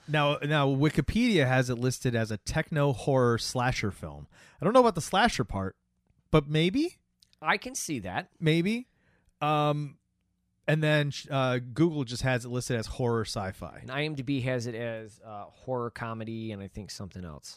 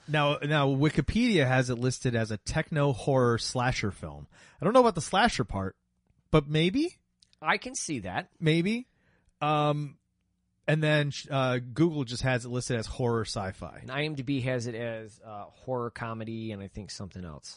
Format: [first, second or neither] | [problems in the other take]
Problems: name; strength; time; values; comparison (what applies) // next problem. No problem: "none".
first | garbled, watery; slightly; nothing above 10.5 kHz